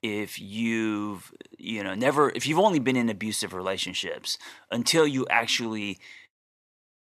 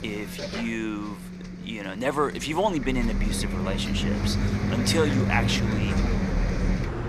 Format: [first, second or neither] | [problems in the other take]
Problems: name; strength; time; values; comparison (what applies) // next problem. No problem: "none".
first | traffic noise; very loud; throughout; 1 dB above the speech